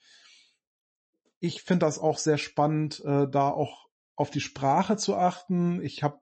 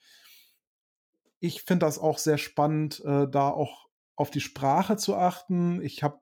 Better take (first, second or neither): second